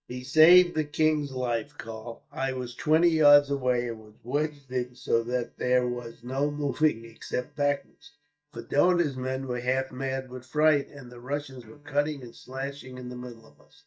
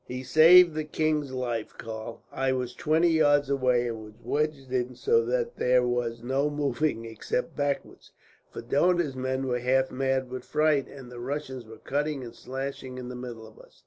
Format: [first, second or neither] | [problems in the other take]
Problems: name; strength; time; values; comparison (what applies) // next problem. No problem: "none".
second | noise reduction (neural mask model DeepFilterNet 3)